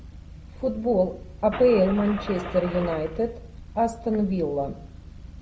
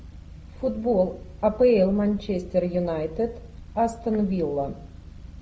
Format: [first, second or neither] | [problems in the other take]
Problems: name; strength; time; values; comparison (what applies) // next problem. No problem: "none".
second | background sound (Engine starting / Car); 10 dB below the speech